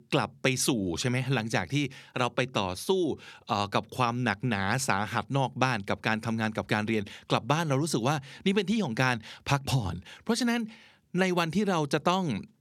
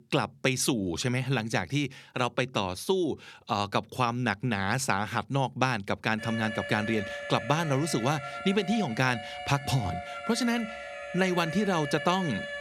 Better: first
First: none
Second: alarm; noticeable; from 6 s on; peak 7 dB below the speech

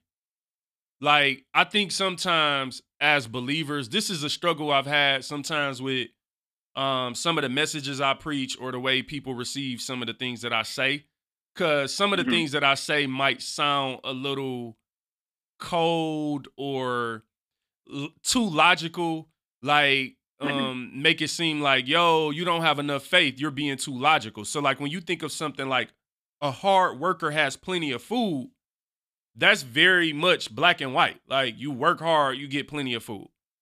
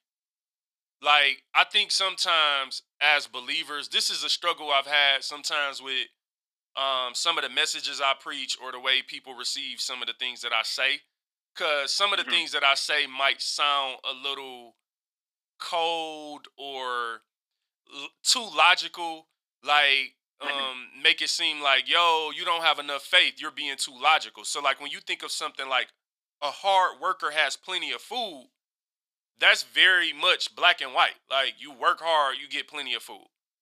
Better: first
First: none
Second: thin; very; fading below 750 Hz

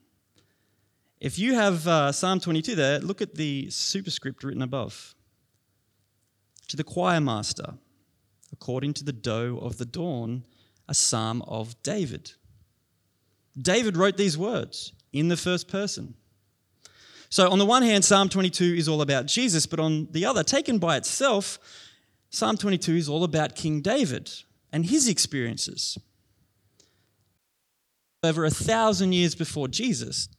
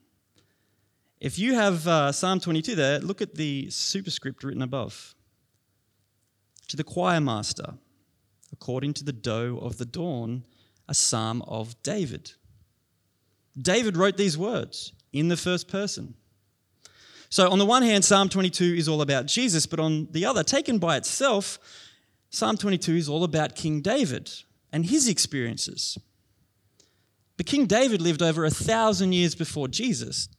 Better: second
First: audio cutting out; at 27 s for 1 s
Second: none

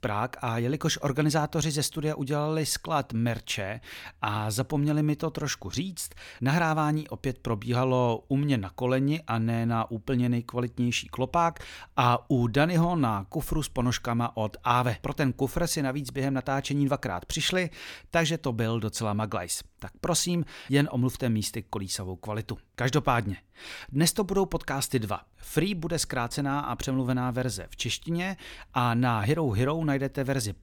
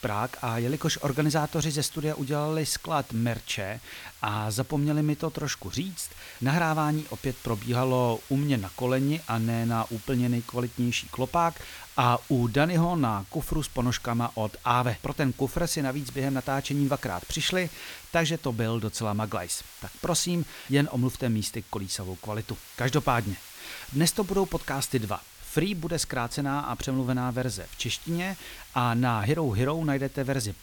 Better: first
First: none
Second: hiss; noticeable; throughout; 20 dB below the speech

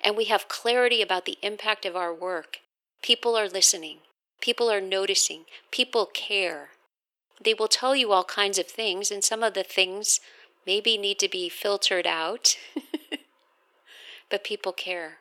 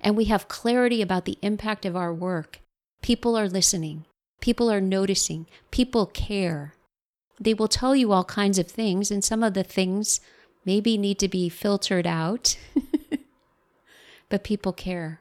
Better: second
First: thin; very; fading below 400 Hz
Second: none

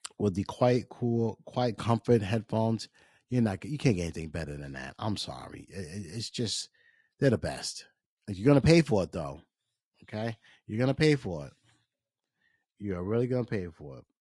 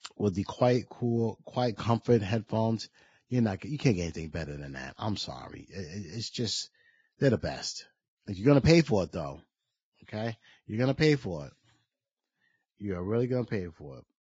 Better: first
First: garbled, watery; slightly; nothing above 10.5 kHz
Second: garbled, watery; badly; nothing above 7.5 kHz

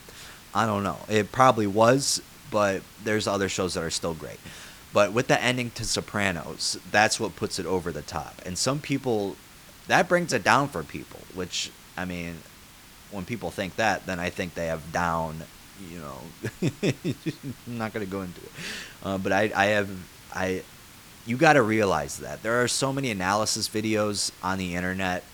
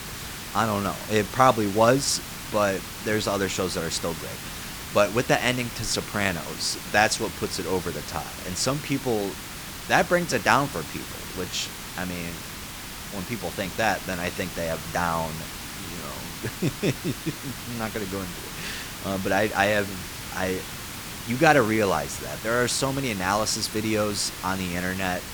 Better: first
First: hiss; faint; throughout; 20 dB below the speech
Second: hiss; loud; throughout; 9 dB below the speech

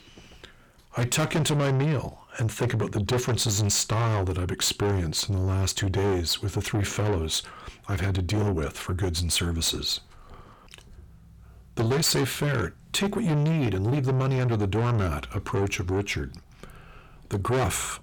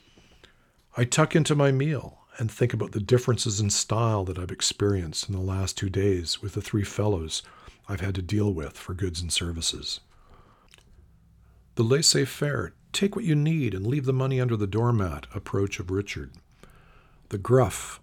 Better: second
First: distortion; heavy; 6 dB below the speech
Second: none

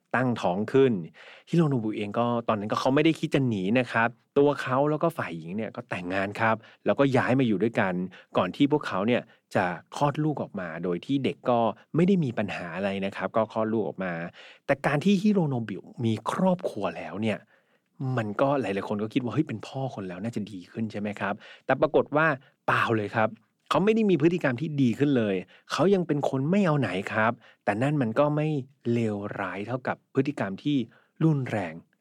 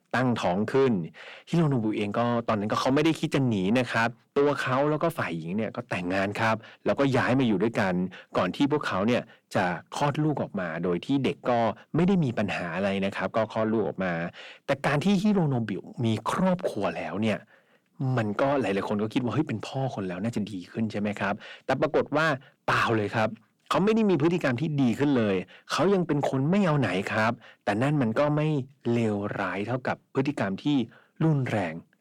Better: first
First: none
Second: distortion; slight; 10 dB below the speech

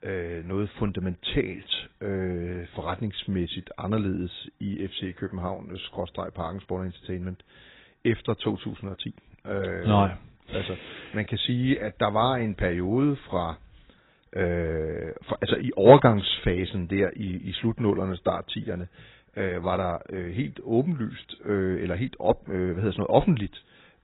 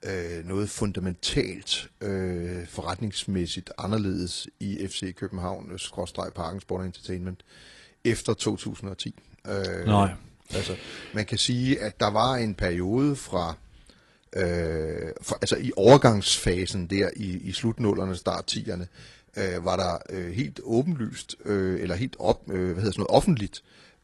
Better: second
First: garbled, watery; badly; nothing above 4 kHz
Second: garbled, watery; slightly

